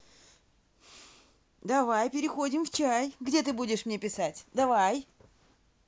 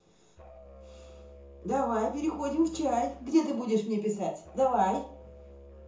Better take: first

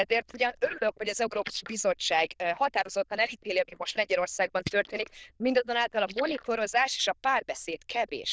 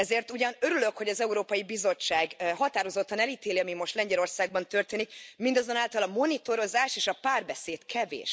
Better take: second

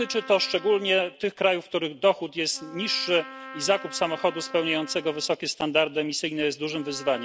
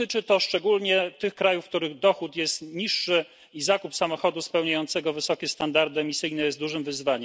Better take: second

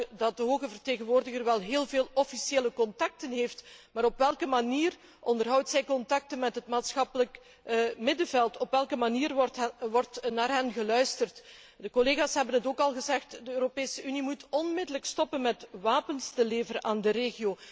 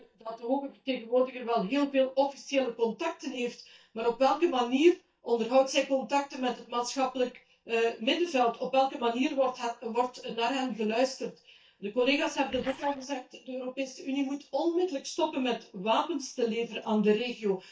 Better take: first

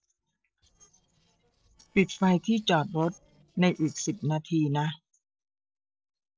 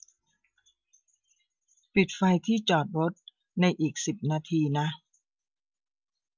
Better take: second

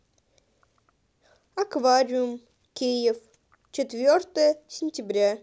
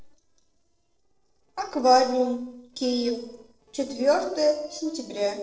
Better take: first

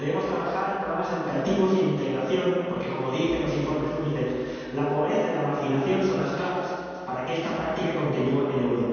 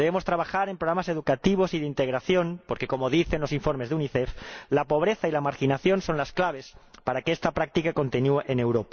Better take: second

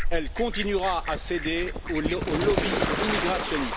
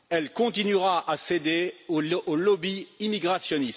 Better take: second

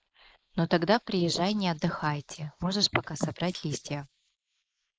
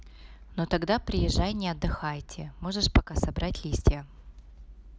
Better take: second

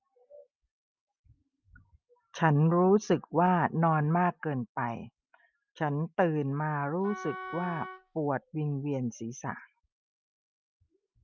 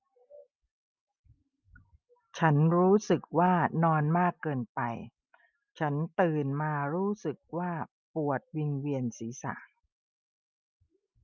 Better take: second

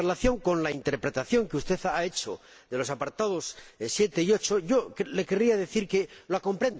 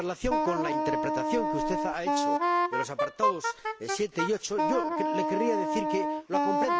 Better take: first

